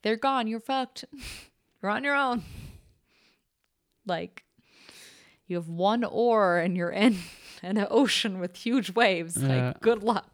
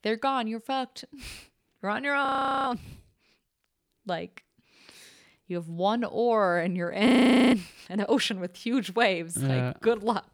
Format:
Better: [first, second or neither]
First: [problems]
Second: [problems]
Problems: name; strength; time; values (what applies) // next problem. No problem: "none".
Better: first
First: none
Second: audio freezing; at 2.5 s and at 7 s